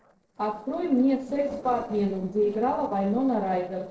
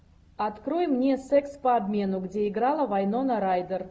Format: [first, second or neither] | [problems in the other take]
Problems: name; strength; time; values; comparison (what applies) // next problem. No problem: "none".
second | noise reduction (neural separator model SepFormer DNS4)